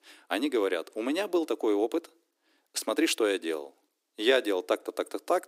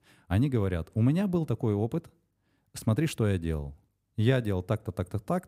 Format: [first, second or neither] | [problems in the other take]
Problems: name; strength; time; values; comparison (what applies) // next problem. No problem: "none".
second | thin; very; fading below 300 Hz